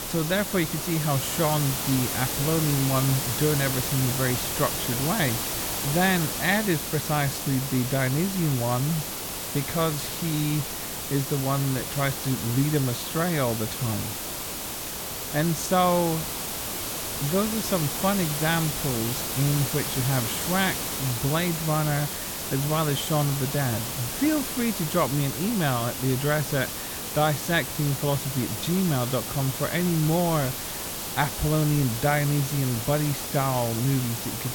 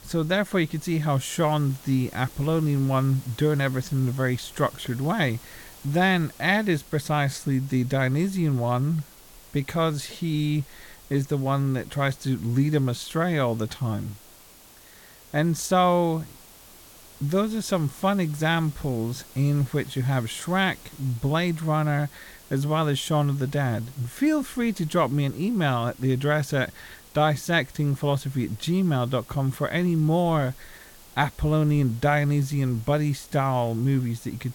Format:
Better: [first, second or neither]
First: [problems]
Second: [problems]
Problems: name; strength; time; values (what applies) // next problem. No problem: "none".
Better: second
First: hiss; loud; throughout; 3 dB below the speech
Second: hiss; faint; throughout; 20 dB below the speech